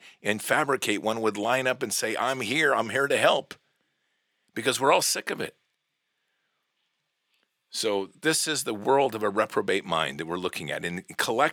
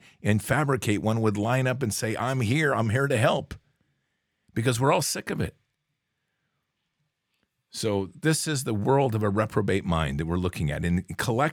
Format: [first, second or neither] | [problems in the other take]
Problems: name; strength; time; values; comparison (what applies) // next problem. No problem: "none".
second | thin; somewhat; fading below 350 Hz